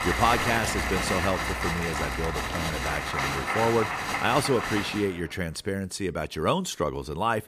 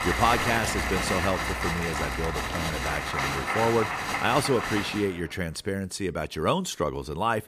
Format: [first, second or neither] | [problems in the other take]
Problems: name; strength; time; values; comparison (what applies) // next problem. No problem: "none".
neither | crowd noise; loud; until 5 s; as loud as the speech; the same in both